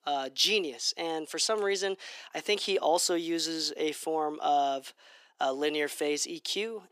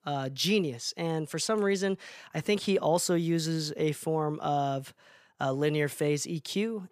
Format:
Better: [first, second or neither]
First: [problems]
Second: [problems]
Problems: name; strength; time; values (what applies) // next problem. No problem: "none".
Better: second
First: thin; somewhat; fading below 300 Hz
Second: none